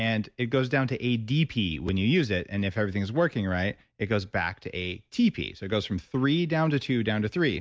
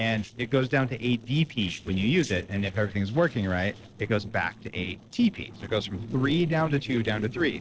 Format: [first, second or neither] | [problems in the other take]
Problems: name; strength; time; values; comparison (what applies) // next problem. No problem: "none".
first | noise reduction (neural separator model SepFormer DNS4)